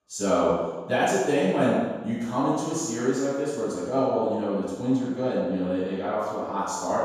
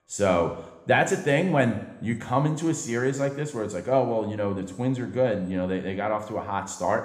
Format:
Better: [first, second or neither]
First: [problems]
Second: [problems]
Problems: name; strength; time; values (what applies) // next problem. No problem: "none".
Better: second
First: room echo; strong; dies away in 1.2 s // off-mic speech; far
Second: room echo; slight; dies away in 0.9 s